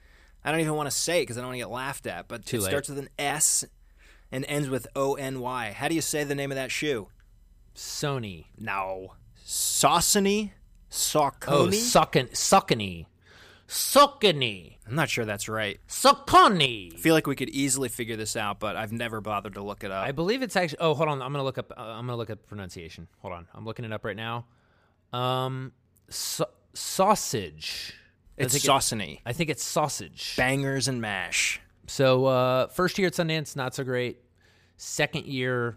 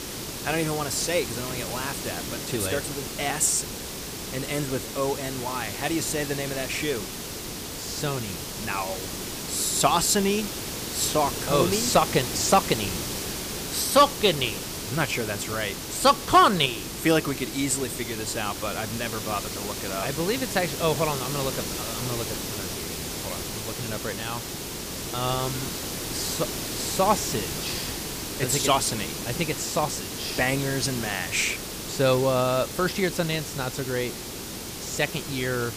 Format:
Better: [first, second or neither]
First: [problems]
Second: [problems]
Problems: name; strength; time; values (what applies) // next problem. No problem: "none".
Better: first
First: none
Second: hiss; loud; throughout; 6 dB below the speech